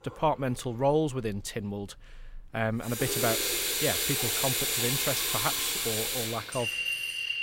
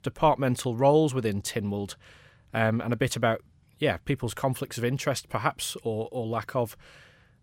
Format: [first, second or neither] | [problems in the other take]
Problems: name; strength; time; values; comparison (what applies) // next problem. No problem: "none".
second | household noises; very loud; throughout; 4 dB above the speech